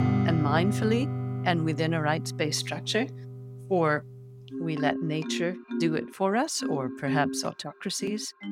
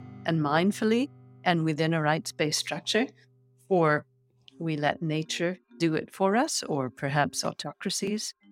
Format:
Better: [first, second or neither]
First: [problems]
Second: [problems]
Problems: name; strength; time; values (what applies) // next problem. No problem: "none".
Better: second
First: background music; loud; throughout; 4 dB below the speech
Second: background music; faint; throughout; 25 dB below the speech